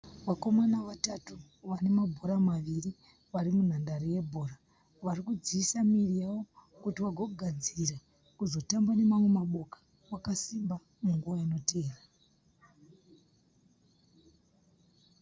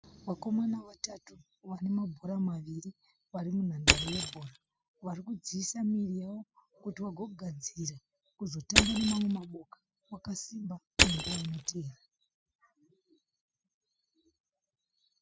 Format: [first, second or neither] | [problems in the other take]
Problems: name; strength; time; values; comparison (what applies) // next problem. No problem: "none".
first | noise reduction (classical method spectral subtraction)